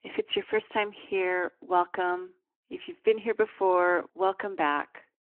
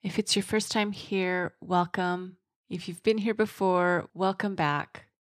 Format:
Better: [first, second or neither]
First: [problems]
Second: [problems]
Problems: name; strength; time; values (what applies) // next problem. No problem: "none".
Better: second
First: phone-call audio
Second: none